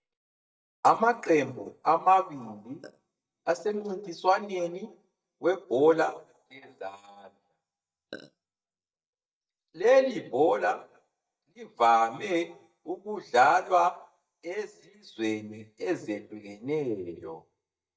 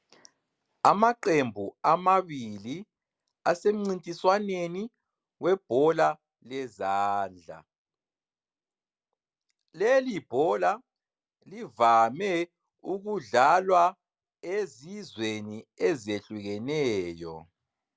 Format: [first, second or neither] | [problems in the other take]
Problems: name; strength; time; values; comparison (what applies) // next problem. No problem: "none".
second | noise reduction (neural mask model DeepFilterNet 3)